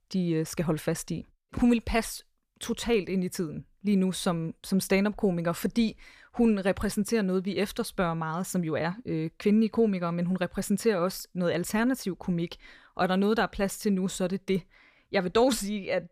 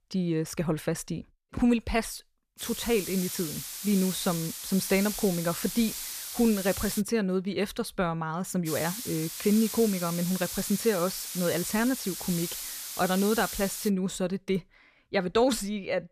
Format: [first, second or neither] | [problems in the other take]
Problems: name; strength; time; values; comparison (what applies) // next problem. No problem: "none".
first | hiss; loud; from 2.5 to 7 s and from 8.5 to 14 s; 6 dB below the speech